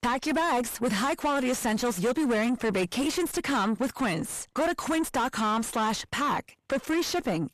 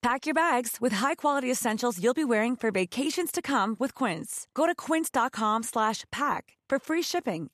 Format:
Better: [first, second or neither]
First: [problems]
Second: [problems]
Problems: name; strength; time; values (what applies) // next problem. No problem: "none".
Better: second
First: distortion; heavy; 7 dB below the speech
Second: none